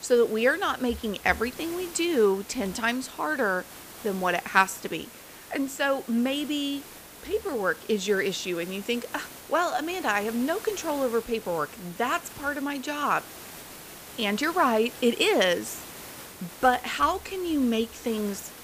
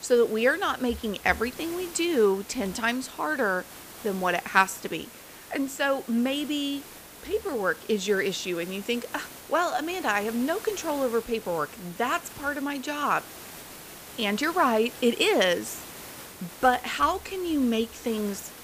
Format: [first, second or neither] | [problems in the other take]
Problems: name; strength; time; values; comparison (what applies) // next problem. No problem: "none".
neither | hiss; noticeable; throughout; 15 dB below the speech; the same in both